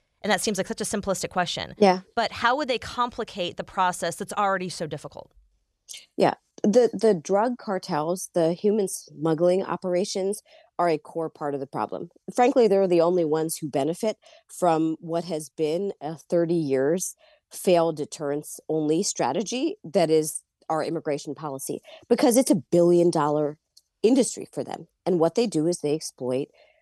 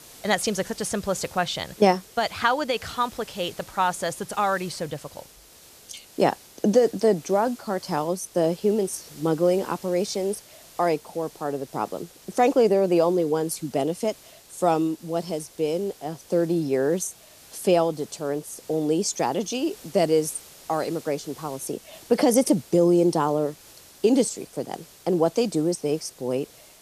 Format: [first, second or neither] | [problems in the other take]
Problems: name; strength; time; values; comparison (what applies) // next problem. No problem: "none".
first | hiss; faint; throughout; 20 dB below the speech